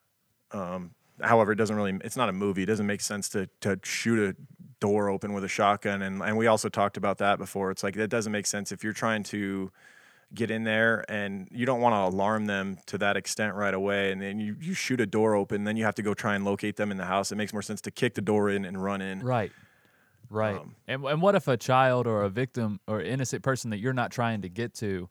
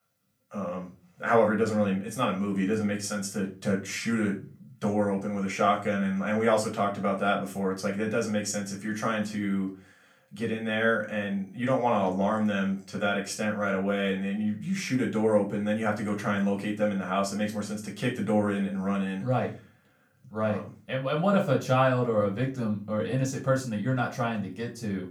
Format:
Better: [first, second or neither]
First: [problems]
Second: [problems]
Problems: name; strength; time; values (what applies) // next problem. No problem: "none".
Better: first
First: none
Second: off-mic speech; far // room echo; slight; dies away in 0.3 s